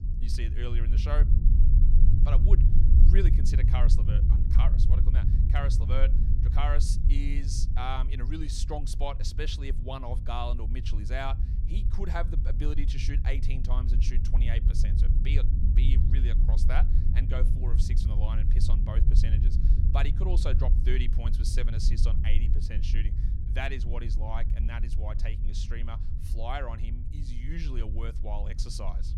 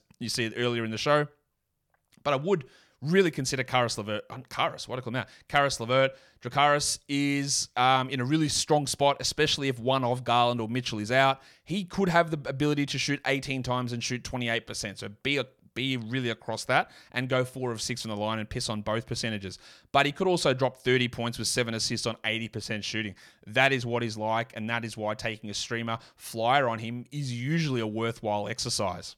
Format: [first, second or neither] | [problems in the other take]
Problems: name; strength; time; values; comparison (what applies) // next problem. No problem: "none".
second | low rumble; loud; throughout; 6 dB below the speech